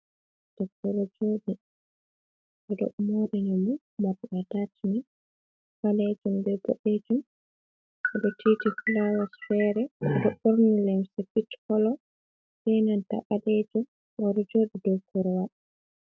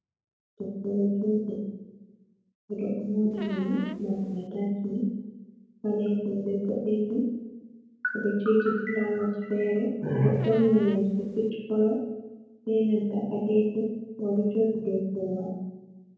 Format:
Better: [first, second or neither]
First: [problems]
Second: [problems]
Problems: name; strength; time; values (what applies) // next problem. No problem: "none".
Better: first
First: none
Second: background sound (Squeak); 16 dB below the speech // room echo; dies away in 0.9 s